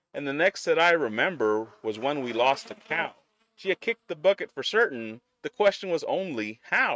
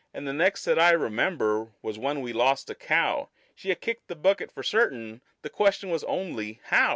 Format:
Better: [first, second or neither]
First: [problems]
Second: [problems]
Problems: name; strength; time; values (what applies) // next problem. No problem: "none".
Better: second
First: noise reduction (neural mask model RNNoise)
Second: none